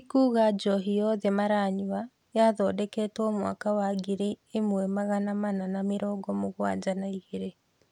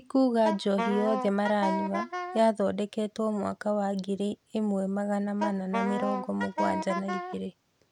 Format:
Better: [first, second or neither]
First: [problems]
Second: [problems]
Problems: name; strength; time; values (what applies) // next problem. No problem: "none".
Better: first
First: none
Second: background sound (Wind instrument, woodwind instrument); 4 dB below the speech